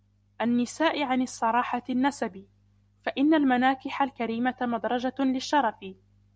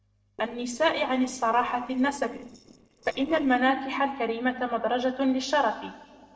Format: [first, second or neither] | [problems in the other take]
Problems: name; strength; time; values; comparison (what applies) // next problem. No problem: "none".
first | noise reduction (neural separator model SepFormer DNS4)